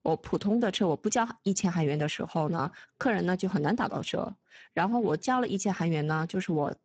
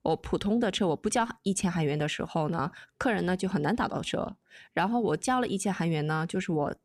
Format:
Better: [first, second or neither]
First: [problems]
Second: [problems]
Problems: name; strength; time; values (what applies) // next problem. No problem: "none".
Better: second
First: garbled, watery; badly; nothing above 7.5 kHz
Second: none